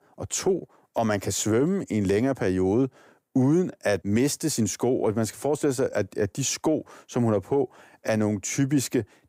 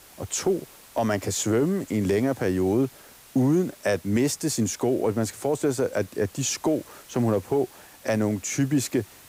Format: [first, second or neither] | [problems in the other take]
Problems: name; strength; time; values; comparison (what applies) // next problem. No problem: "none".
first | hiss; faint; throughout; 20 dB below the speech